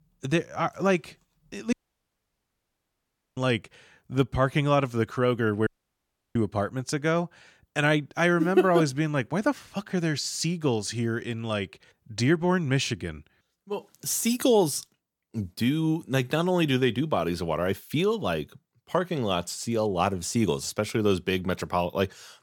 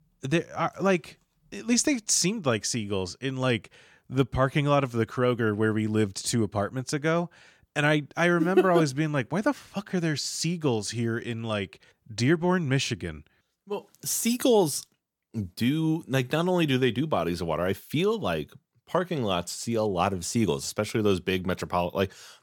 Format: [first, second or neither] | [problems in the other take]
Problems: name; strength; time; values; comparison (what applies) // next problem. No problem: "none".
second | audio cutting out; at 1.5 s for 1.5 s and at 5.5 s for 0.5 s